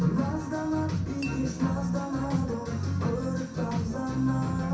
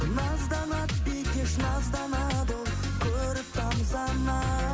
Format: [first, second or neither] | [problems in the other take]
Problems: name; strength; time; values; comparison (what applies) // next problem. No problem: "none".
second | background sound (Tap / Glass); 20 dB below the speech // room echo; dies away in 0.6 s